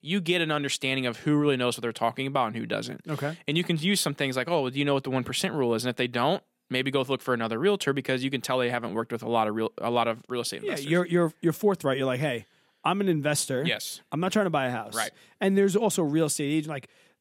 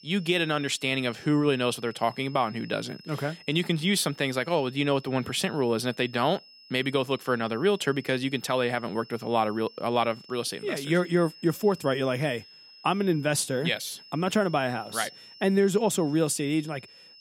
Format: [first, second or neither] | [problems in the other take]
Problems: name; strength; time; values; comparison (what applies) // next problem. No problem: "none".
first | high-pitched whine; faint; throughout; 5.5 kHz, 20 dB below the speech